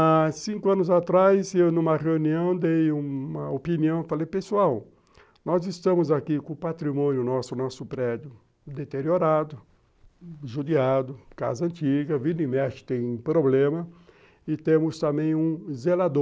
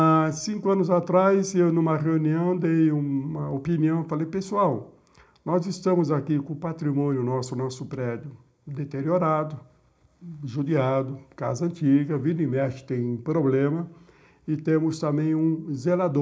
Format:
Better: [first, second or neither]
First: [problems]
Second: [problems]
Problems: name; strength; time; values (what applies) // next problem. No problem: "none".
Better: first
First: none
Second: room echo; dies away in 0.4 s